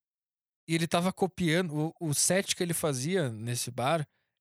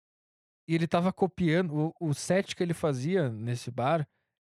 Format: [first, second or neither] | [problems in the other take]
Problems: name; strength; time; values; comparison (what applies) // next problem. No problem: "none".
first | muffled; slightly; fading above 1.5 kHz